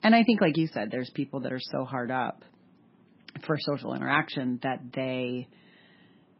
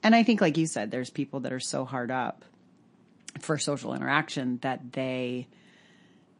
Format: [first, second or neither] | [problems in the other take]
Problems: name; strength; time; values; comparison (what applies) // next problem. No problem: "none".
second | garbled, watery; badly; nothing above 5.5 kHz; slightly in the second